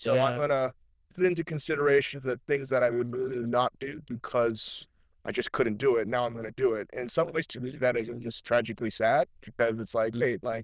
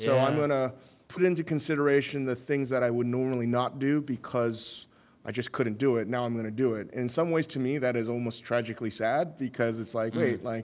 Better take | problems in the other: second | noise reduction (neural diffusion model UNIVERSE++)

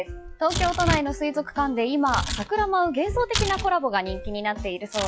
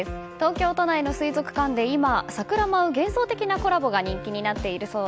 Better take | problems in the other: second | noise reduction (classical method log-MMSE)

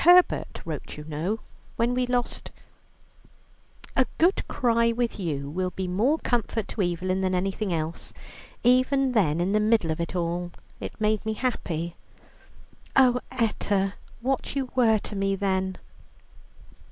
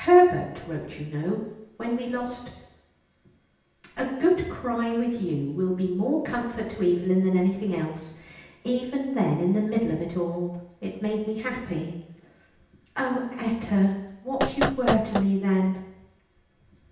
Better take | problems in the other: first | background sound (Knock); 1 dB below the speech // room echo; dies away in 0.9 s

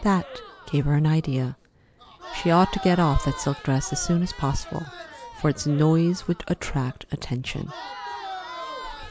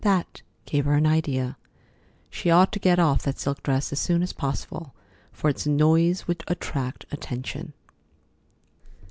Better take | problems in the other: second | background sound (Crowd); 14 dB below the speech

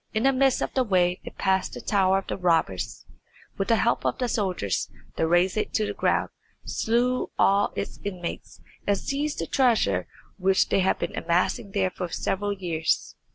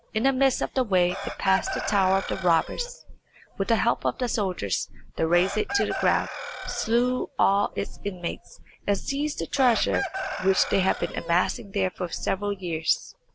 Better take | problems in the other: first | background sound (Chicken, rooster); 11 dB below the speech

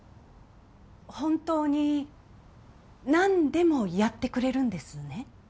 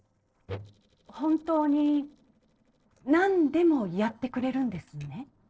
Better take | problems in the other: first | noise reduction (neural separator model SepFormer DNS4)

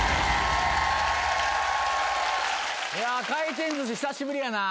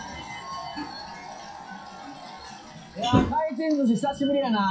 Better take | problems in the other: first | noise reduction (classical method WPE with log-MMSE)

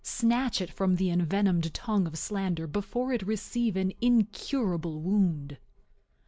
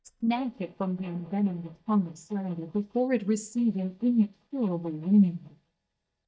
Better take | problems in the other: first | noise reduction (neural mask model DeepFilterNet 3)

